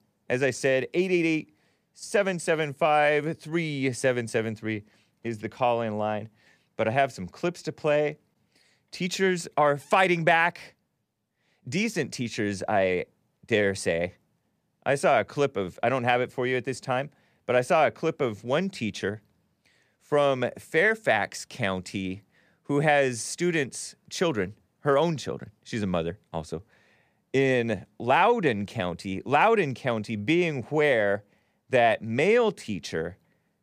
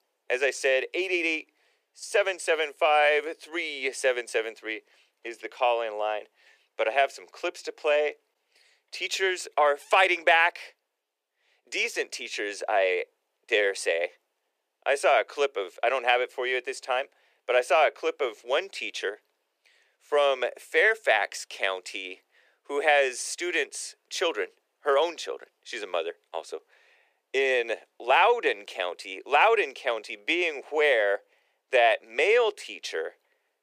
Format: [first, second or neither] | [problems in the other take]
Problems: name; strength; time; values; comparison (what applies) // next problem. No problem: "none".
first | thin; very; fading below 400 Hz